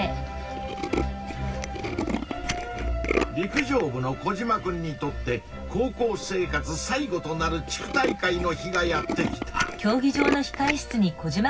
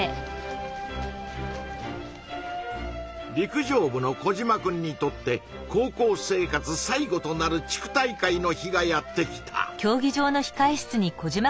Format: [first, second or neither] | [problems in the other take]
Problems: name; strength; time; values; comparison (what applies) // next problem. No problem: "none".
second | background sound (Tools); 6 dB below the speech // room echo; dies away in 0.4 s